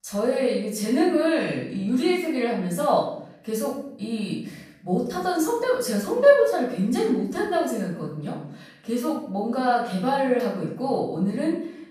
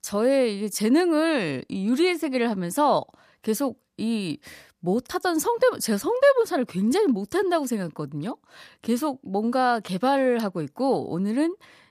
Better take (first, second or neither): second